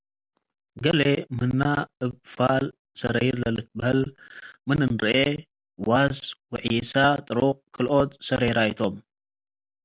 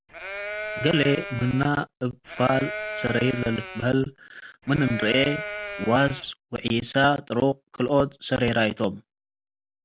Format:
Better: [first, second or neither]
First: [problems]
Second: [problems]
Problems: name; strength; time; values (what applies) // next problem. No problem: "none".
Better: first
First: none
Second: background sound (Livestock, farm animals, working animals); 9 dB below the speech